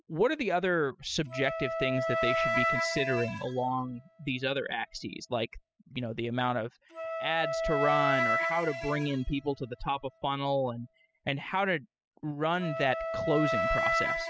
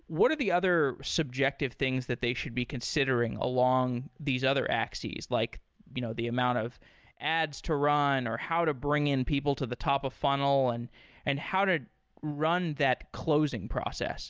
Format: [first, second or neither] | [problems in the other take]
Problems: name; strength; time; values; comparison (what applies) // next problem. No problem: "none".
second | noise reduction (classical method spectral subtraction)